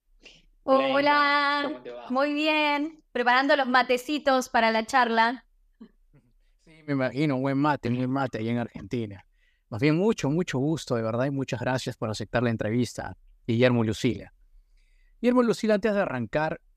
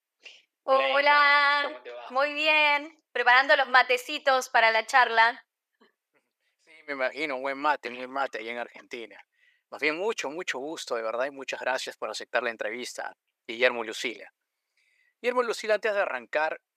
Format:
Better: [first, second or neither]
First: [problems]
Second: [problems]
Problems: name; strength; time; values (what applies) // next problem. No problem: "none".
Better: first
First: none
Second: thin; very; fading below 500 Hz